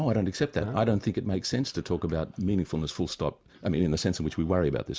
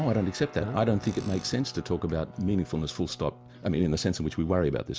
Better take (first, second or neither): first